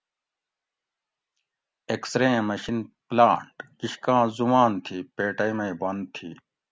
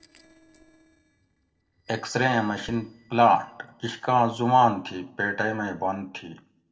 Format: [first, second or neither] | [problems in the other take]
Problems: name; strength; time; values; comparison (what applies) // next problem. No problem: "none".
first | noise reduction (neural separator model SepFormer DNS4)